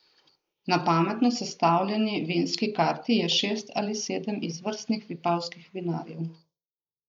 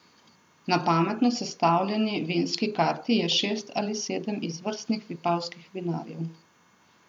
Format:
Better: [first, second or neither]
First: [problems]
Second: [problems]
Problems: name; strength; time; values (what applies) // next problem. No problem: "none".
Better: second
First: noise reduction (neural mask model Resemble Enhance denoiser)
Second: none